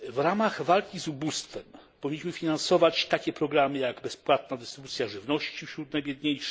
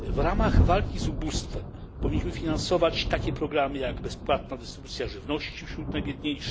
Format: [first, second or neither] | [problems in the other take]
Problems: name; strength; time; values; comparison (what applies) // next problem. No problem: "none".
first | background sound (Thunder); as loud as the speech